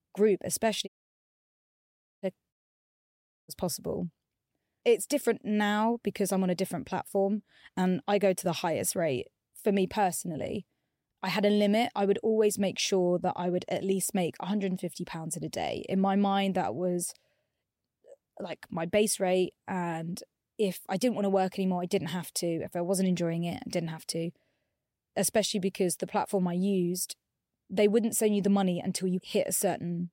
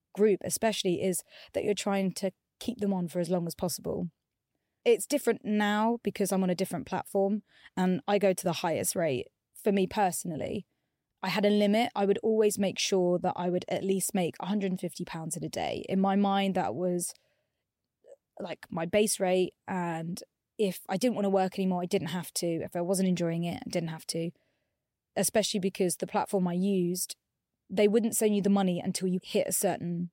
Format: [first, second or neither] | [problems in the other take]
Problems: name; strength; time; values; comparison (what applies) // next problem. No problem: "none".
second | audio cutting out; at 1 s for 1.5 s and at 2.5 s for 1 s